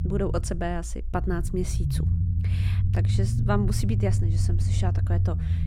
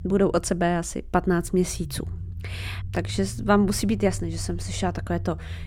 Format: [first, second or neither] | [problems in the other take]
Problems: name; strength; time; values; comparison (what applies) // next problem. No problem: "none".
second | low rumble; loud; throughout; 6 dB below the speech; faint in the second